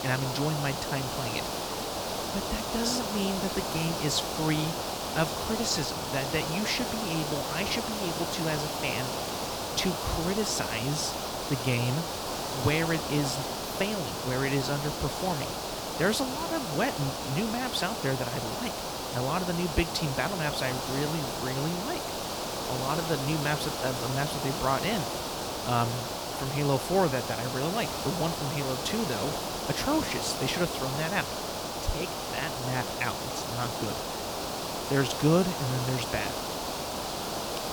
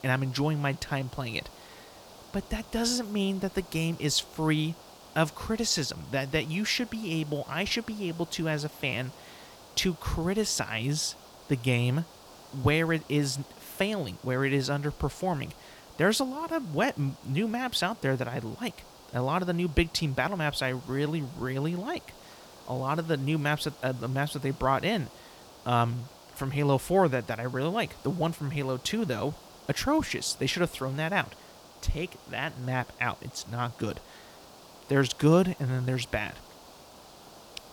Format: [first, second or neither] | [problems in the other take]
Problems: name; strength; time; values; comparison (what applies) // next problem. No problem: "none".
second | hiss; loud; throughout; 1 dB below the speech; faint in the second